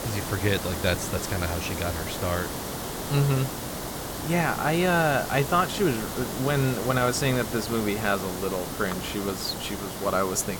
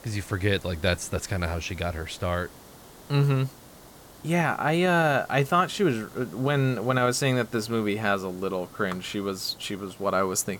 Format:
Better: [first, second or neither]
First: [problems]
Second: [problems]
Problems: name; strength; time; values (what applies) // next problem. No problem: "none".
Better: second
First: hiss; loud; throughout; 6 dB below the speech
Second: hiss; faint; throughout; 20 dB below the speech